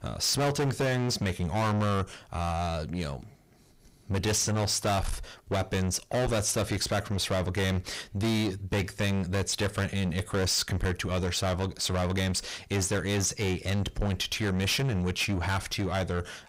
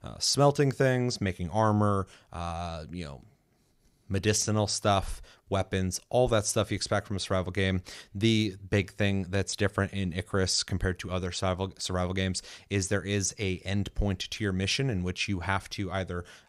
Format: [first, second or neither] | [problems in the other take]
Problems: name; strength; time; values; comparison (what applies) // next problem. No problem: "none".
second | distortion; heavy; 6 dB below the speech